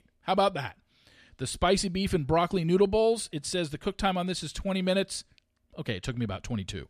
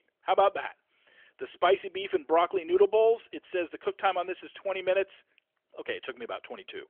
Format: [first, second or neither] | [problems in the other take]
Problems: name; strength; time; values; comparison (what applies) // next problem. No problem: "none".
first | phone-call audio; nothing above 3.5 kHz